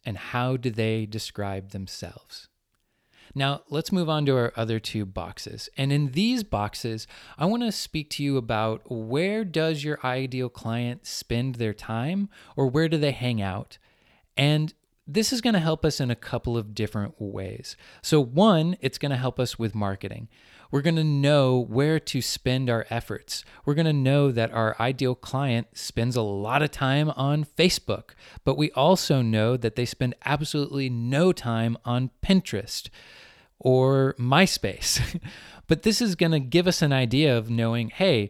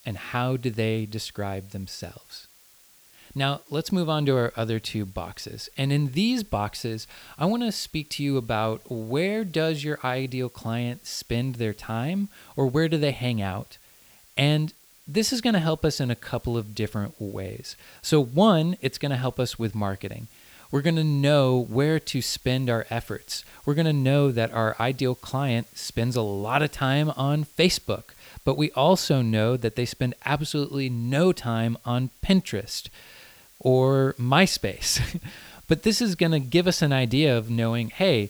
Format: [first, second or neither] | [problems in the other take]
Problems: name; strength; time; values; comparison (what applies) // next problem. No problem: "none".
first | hiss; faint; throughout; 25 dB below the speech